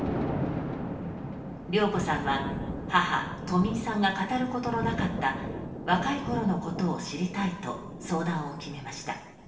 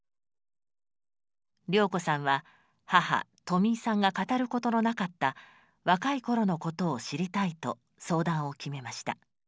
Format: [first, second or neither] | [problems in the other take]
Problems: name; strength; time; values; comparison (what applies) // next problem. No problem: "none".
second | background sound (Thunder); 5 dB below the speech // room echo; dies away in 1.1 s